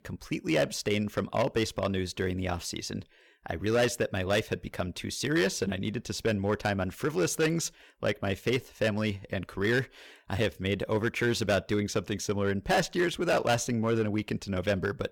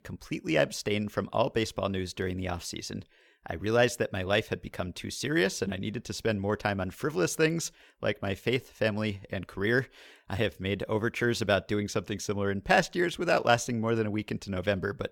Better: second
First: distortion; slight; 4% of the sound clipped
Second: none

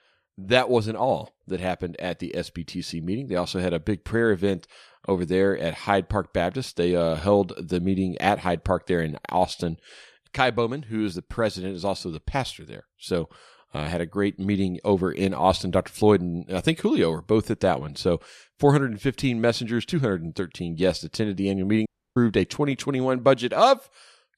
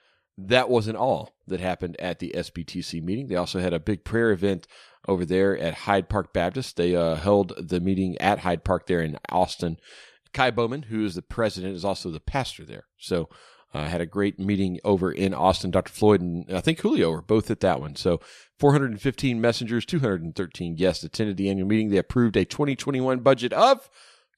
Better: second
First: audio cutting out; at 22 s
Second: none

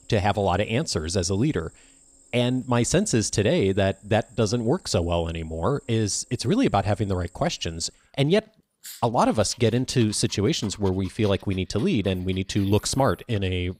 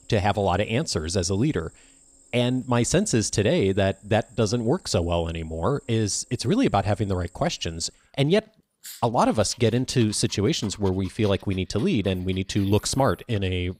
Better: neither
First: animal sounds; faint; throughout; 25 dB below the speech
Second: animal sounds; faint; throughout; 25 dB below the speech

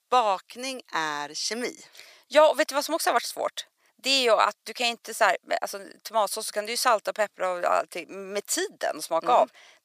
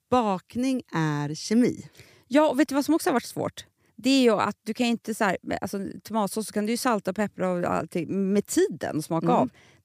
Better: second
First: thin; very; fading below 750 Hz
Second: none

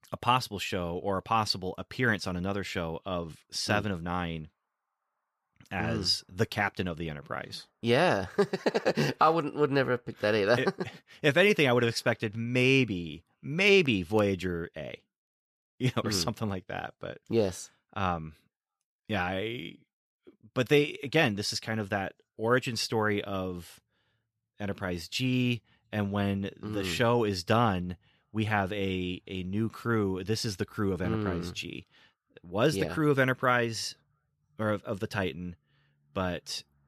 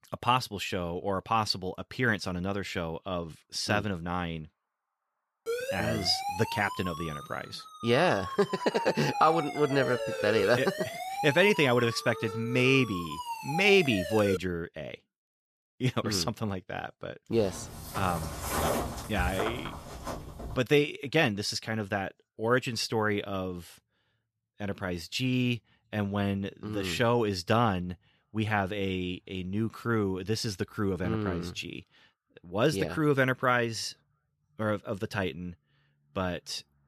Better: first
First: none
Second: siren; noticeable; from 5.5 to 14 s; peak 2 dB below the speech // footsteps; loud; from 17 to 21 s; peak level with the speech

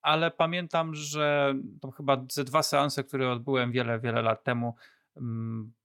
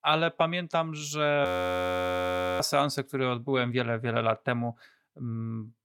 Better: first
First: none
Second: audio freezing; at 1.5 s for 1 s

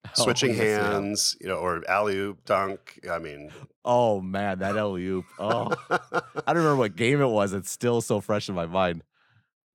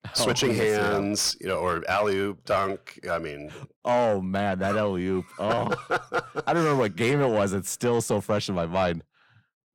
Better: first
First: none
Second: distortion; slight; 10 dB below the speech

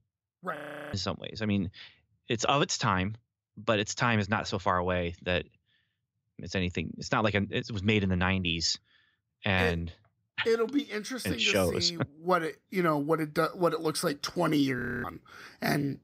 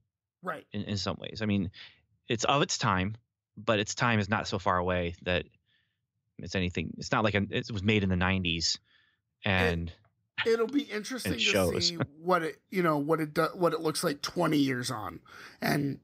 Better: second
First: audio freezing; at 0.5 s and at 15 s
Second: none

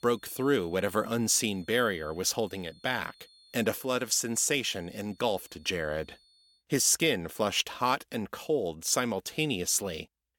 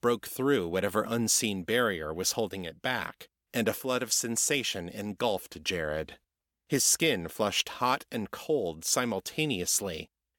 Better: second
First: high-pitched whine; faint; until 6.5 s; 4.5 kHz, 30 dB below the speech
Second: none

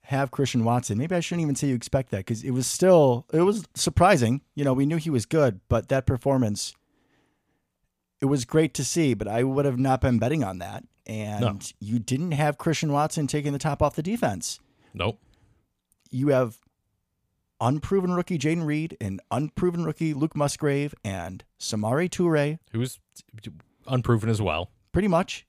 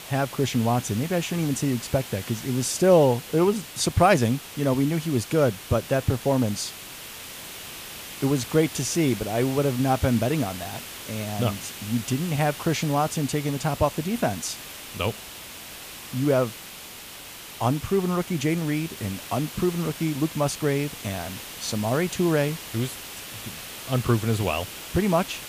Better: first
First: none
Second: hiss; noticeable; throughout; 10 dB below the speech

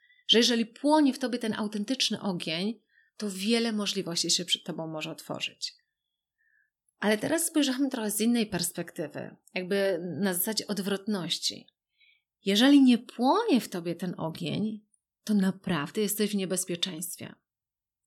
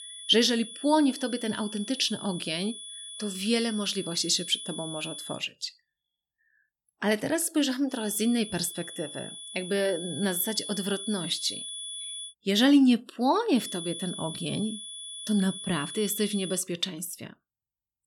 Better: first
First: none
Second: high-pitched whine; loud; until 5.5 s, from 8 to 12 s and from 14 to 17 s; 3.5 kHz, 10 dB below the speech

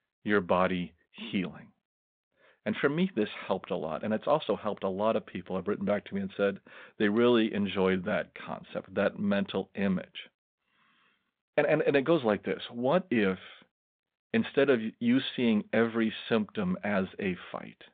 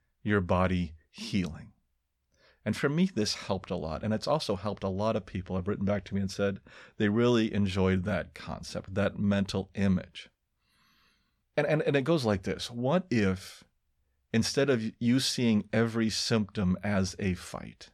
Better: second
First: phone-call audio; nothing above 3.5 kHz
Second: none

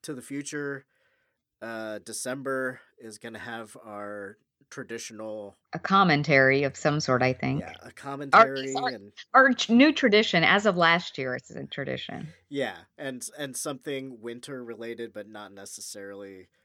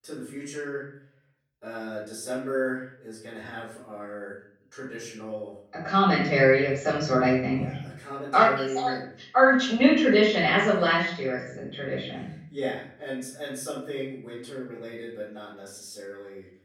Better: first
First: none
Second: room echo; noticeable; dies away in 0.6 s // off-mic speech; far

